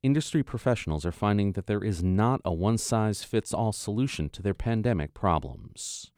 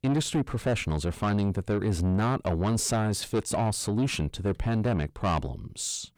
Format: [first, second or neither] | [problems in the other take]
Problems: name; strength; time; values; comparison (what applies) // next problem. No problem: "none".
first | distortion; heavy; 7 dB below the speech